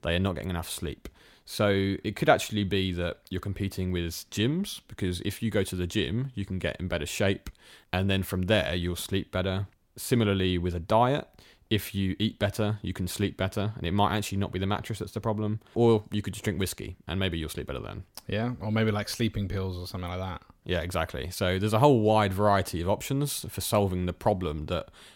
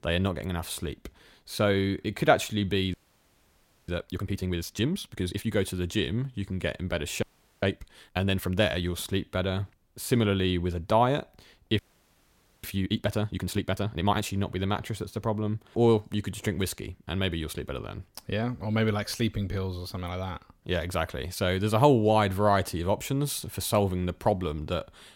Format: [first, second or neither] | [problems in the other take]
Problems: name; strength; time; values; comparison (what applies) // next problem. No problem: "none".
first | audio freezing; at 3 s for 1 s, at 7 s and at 12 s for 1 s